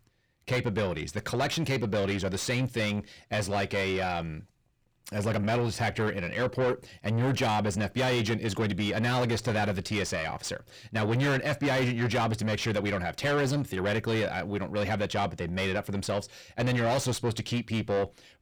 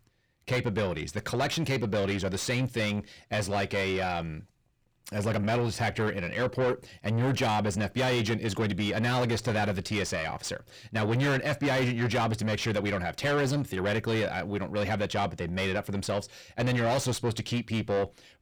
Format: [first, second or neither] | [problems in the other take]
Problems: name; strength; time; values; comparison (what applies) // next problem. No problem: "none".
neither | distortion; heavy; 5 dB below the speech; the same in both